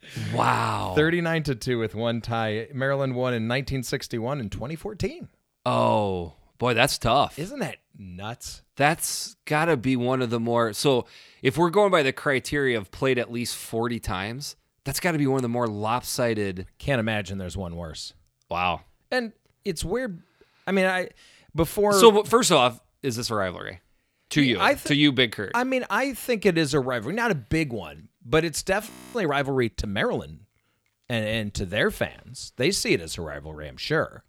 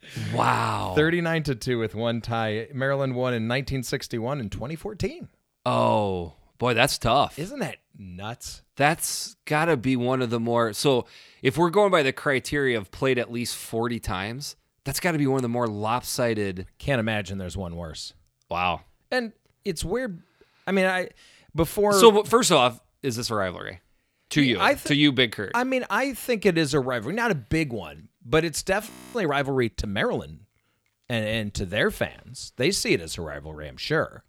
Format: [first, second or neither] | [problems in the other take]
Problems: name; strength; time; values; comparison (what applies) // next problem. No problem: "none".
neither | audio freezing; at 29 s; the same in both